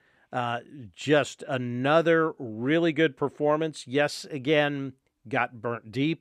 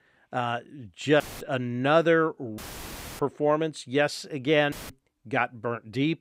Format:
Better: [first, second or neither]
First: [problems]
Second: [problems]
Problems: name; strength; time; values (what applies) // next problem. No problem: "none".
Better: first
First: none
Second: audio cutting out; filled with static; at 1 s, at 2.5 s for 0.5 s and at 4.5 s